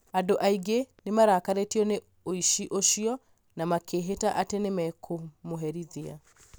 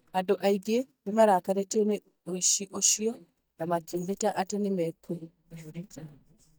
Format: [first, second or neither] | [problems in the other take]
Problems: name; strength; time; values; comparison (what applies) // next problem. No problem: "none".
first | noise reduction (neural mask model DeepFilterNet 3)